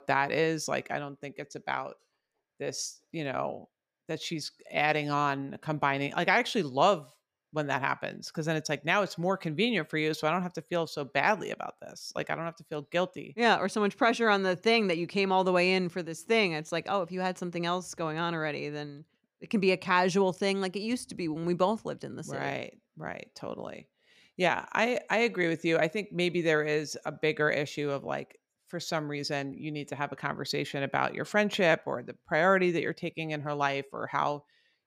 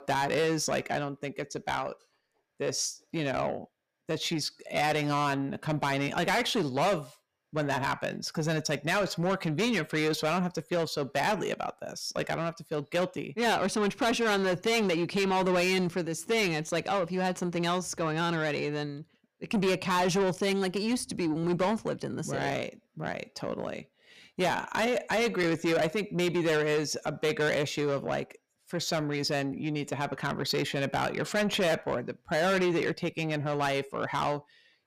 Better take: first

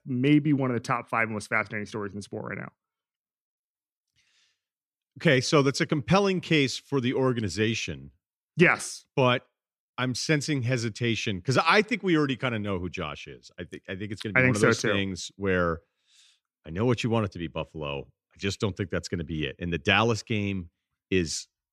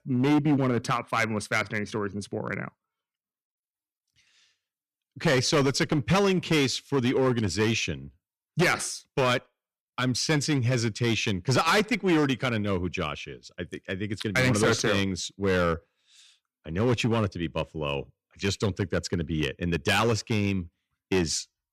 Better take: first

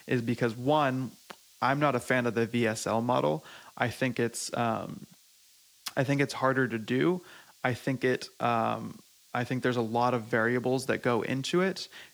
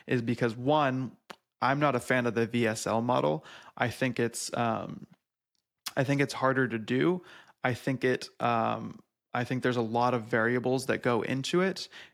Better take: second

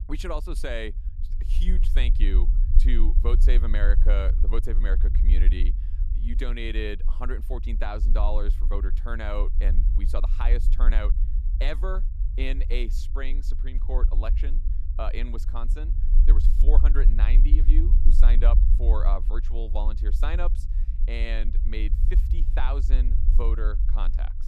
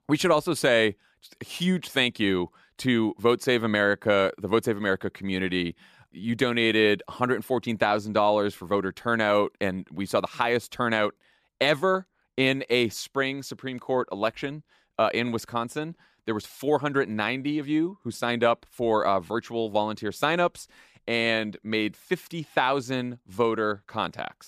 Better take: second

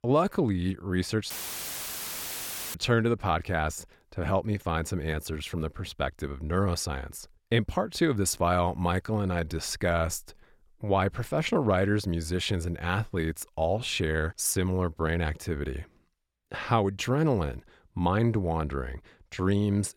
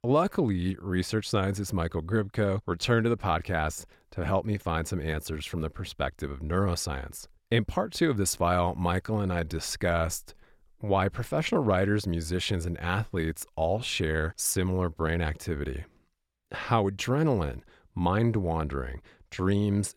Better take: second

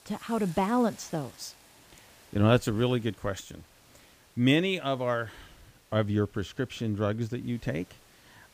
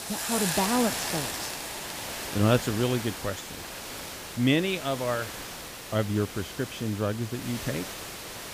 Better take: first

